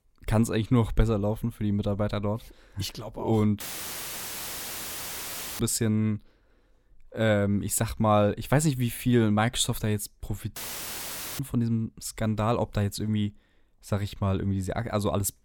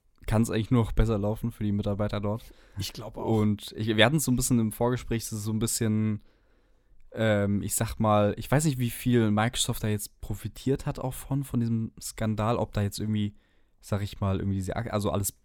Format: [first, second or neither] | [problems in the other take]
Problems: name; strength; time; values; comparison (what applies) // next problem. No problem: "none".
second | audio cutting out; filled with static; at 3.5 s for 2 s and at 11 s for 1 s